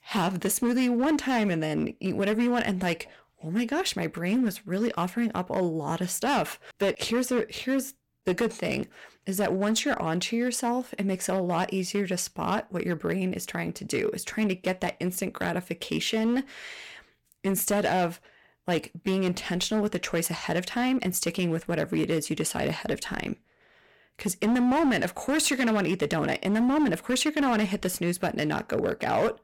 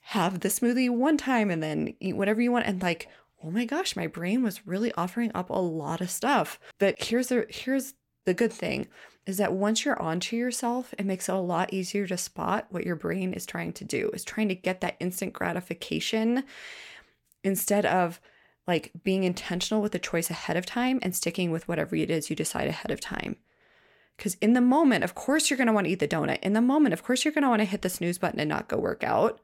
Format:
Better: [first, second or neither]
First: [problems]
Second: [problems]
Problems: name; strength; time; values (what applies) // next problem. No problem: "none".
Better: second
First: distortion; slight; 8% of the sound clipped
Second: none